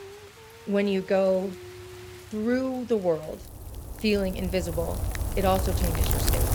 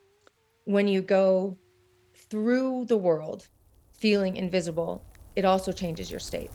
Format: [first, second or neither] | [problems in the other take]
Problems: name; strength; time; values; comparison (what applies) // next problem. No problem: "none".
second | rain or running water; loud; throughout; 4 dB below the speech; faint in the second